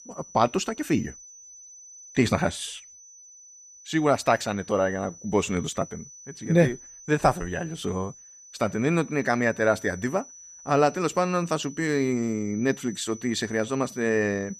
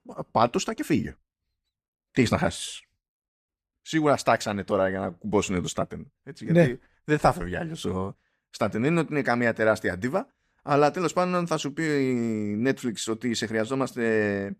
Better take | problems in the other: second | high-pitched whine; noticeable; throughout; 6 kHz, 20 dB below the speech

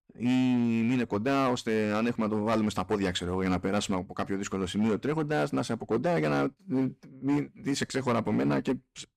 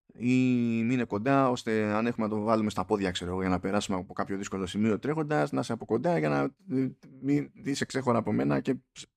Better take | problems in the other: second | distortion; slight; 8% of the sound clipped

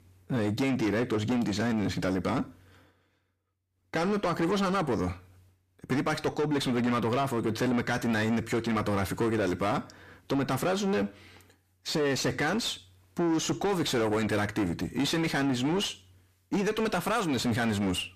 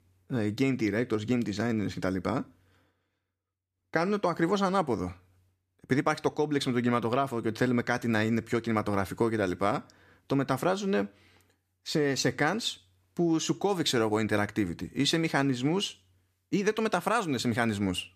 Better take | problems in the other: second | distortion; heavy; 6 dB below the speech

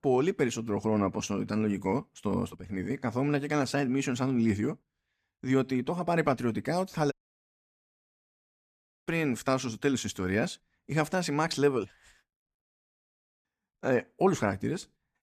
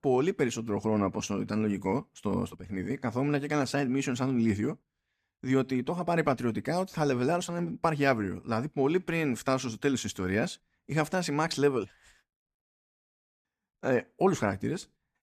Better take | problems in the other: second | audio cutting out; at 7 s for 2 s

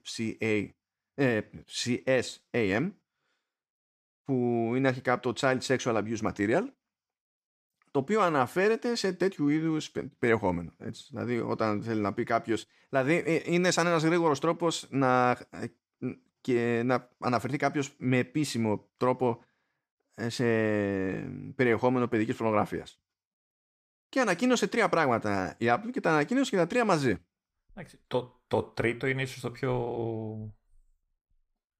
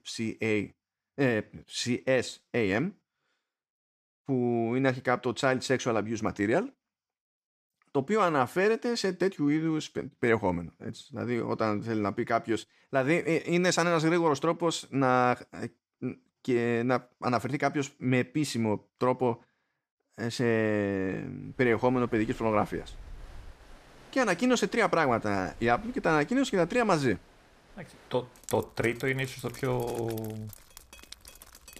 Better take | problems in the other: first | rain or running water; faint; from 22 s on; 20 dB below the speech

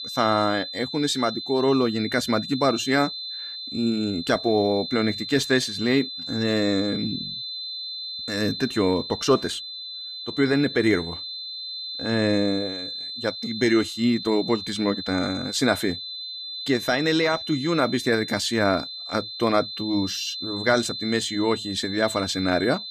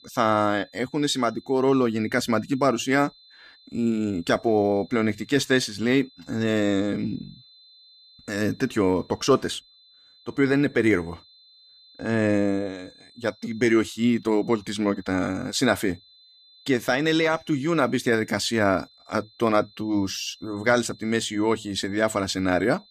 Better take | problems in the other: second | high-pitched whine; loud; throughout; 4 kHz, 7 dB below the speech; faint in the second

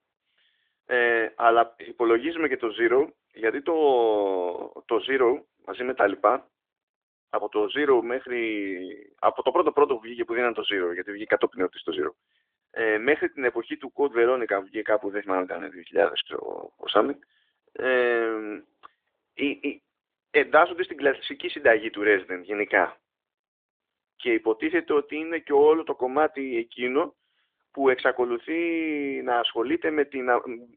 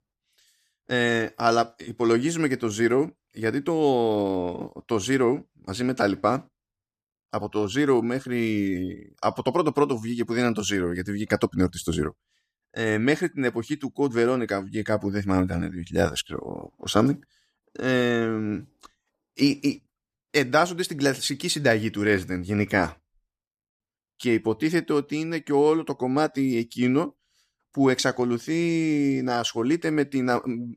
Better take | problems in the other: second | phone-call audio

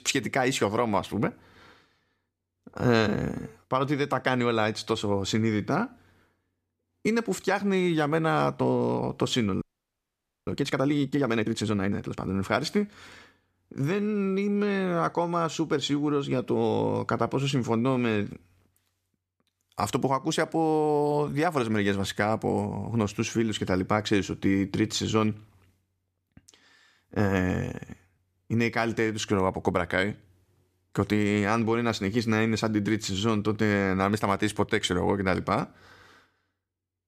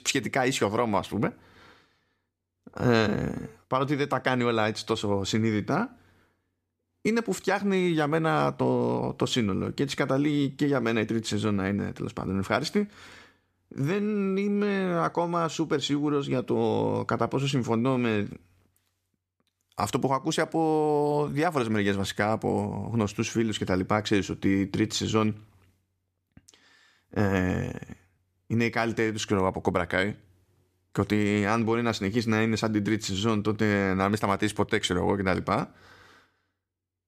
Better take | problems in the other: second | audio freezing; at 9.5 s for 1 s

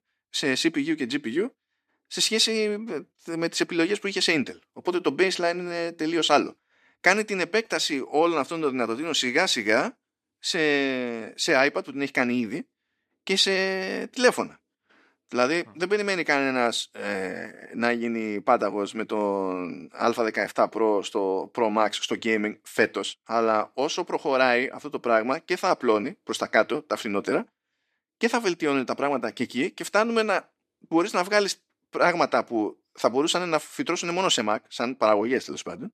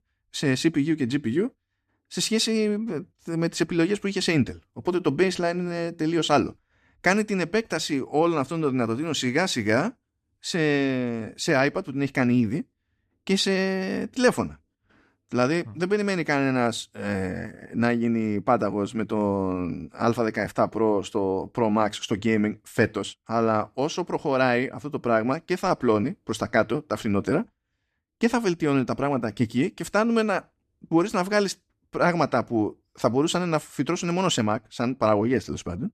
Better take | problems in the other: second | thin; very slightly; fading below 300 Hz

